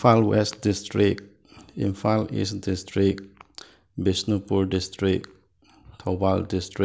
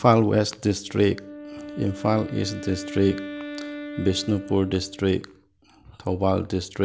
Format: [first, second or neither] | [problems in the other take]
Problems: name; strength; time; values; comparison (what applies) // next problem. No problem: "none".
first | background sound (Wind instrument, woodwind instrument); 14 dB below the speech